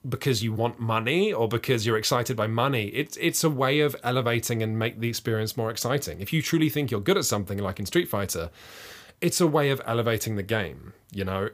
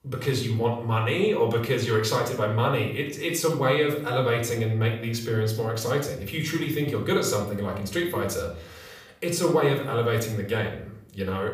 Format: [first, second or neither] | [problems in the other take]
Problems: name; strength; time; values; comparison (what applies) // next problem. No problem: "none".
first | off-mic speech; somewhat distant // room echo; noticeable; dies away in 0.5 s